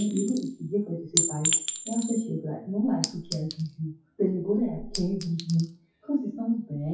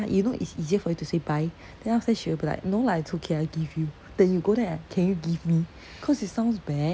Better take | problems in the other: second | noise reduction (classical method WPE with log-MMSE)

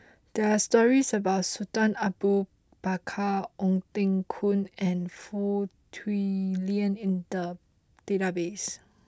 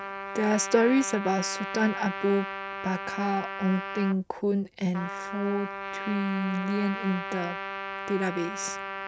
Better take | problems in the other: first | background sound (Trumpet); 7 dB below the speech

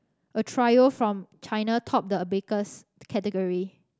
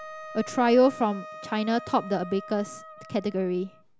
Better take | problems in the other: first | background sound (Wind instrument, woodwind instrument); 16 dB below the speech

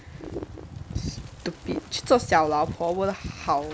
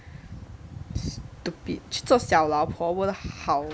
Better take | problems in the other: second | background sound (Wind); 15 dB below the speech

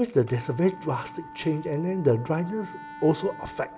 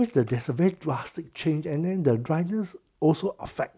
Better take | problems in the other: second | background sound (Wind instrument, woodwind instrument); 16 dB below the speech // room echo; dies away in 1 s

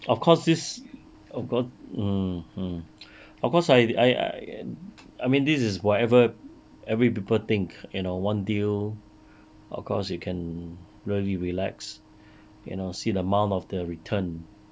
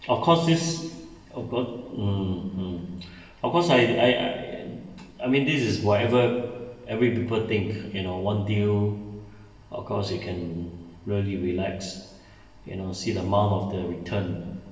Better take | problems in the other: first | room echo; dies away in 1.2 s

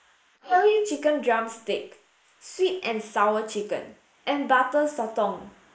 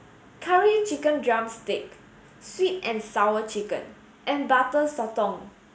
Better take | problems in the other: second | noise reduction (neural mask model Resemble Enhance denoiser)

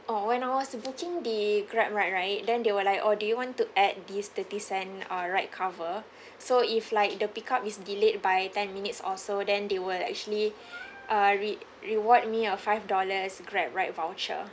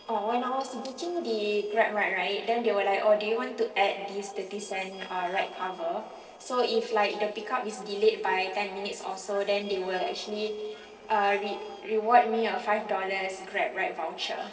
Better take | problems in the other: first | noise reduction (neural separator model SepFormer DNS4)

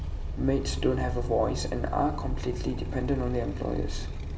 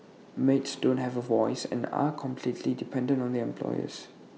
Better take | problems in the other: second | background sound (Motorcycle); 2 dB below the speech // room echo; dies away in 1.6 s

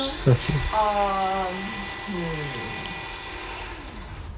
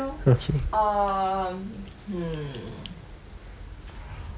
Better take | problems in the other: second | background sound (Domestic sounds, home sounds); 8 dB below the speech

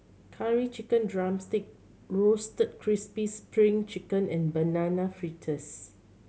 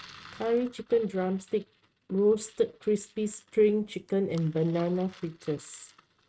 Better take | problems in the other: first | noise reduction (neural mask model RNNoise)

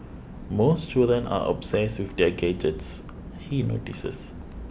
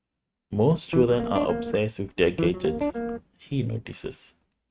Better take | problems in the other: first | noise reduction (neural mask model RNNoise)

